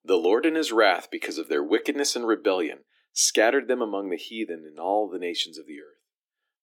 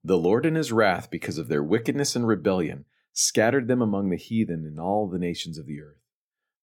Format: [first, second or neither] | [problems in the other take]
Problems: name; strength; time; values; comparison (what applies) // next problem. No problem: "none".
second | thin; somewhat; fading below 300 Hz